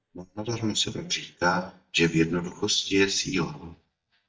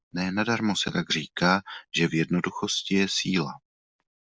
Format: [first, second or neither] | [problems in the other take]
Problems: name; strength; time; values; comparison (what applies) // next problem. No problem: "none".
second | noise reduction (neural mask model DeepFilterNet 3)